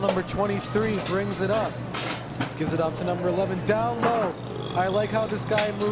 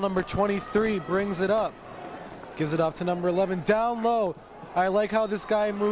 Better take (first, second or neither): second